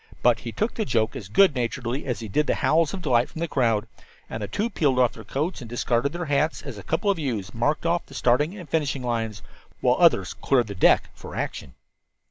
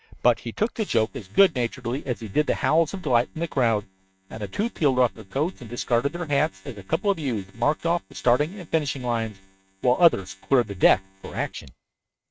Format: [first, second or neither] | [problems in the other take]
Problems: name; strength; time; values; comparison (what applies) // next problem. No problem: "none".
first | noise reduction (neural mask model RNNoise)